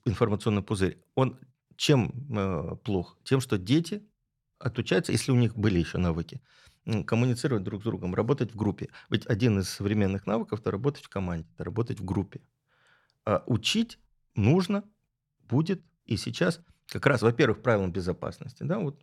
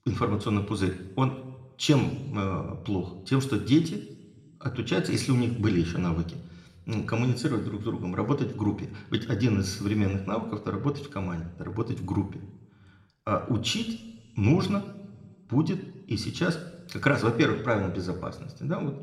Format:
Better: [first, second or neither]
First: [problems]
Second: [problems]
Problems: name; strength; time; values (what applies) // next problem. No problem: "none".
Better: first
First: none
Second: room echo; slight; dies away in 1 s